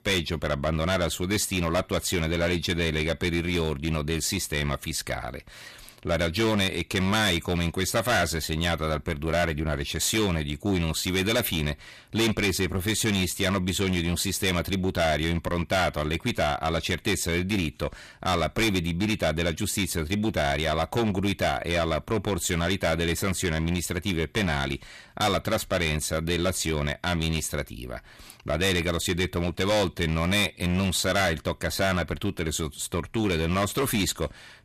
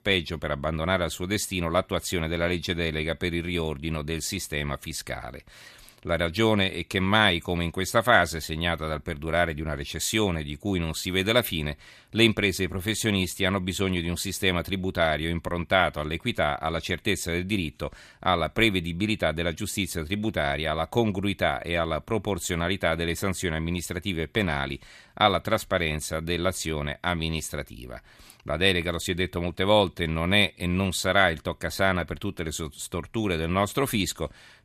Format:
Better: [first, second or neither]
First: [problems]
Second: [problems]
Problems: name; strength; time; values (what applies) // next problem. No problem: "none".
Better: second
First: distortion; heavy; 11% of the sound clipped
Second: none